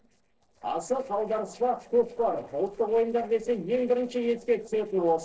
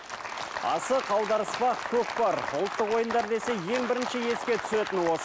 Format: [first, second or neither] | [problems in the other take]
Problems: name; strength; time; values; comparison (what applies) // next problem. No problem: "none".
second | noise reduction (neural separator model SepFormer DNS4)